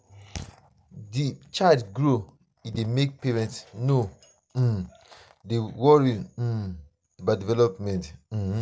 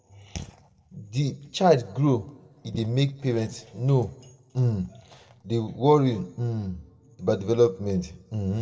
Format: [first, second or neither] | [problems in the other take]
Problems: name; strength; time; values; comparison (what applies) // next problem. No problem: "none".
first | room echo; dies away in 1.1 s